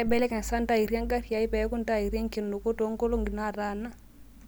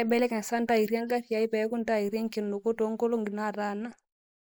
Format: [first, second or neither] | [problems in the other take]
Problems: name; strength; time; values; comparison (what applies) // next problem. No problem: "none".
first | noise reduction (neural mask model Resemble Enhance denoiser)